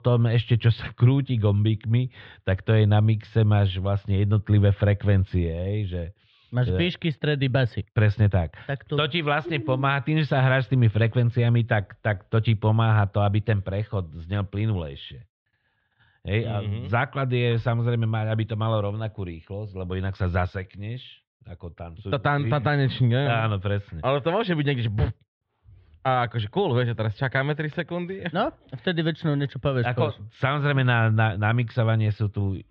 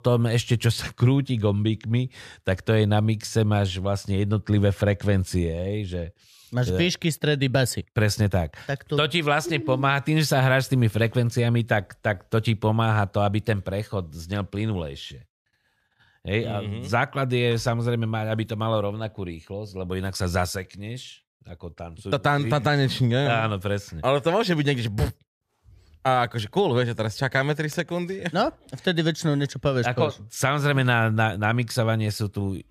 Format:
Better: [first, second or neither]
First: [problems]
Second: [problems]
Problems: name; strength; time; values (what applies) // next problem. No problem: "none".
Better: second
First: muffled; very; fading above 3.5 kHz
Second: none